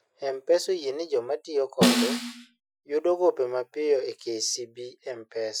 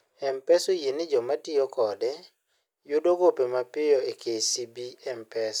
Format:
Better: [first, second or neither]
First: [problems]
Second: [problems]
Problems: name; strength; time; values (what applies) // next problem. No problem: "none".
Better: second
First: noise reduction (classical method Wiener filter)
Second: none